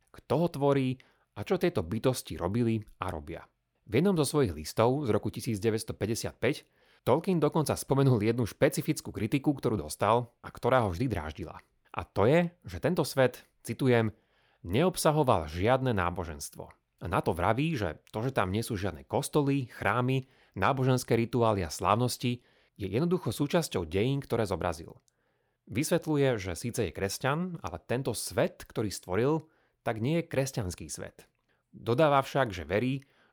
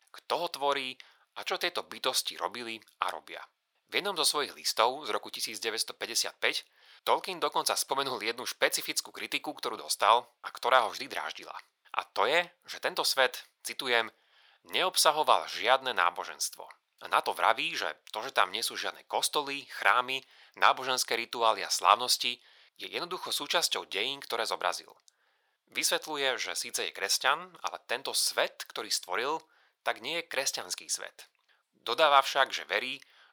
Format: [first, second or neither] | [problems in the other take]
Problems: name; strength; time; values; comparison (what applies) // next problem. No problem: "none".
first | thin; very; fading below 950 Hz